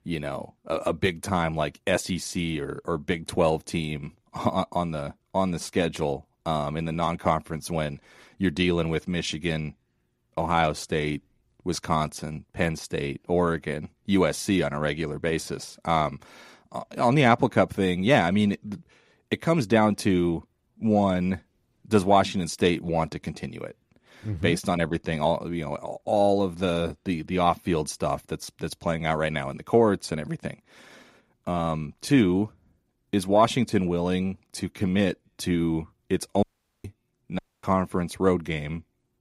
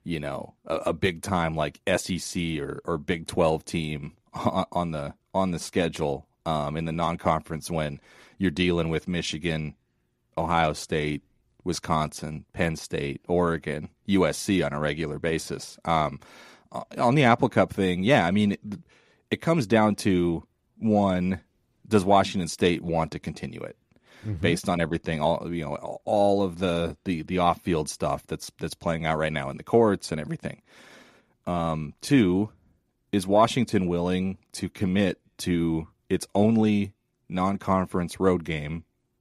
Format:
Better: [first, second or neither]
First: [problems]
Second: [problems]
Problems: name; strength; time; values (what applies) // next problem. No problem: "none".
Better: second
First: audio cutting out; at 36 s and at 37 s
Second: none